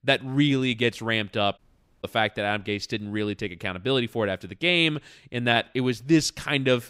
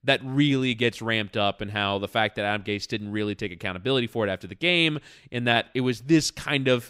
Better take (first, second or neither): second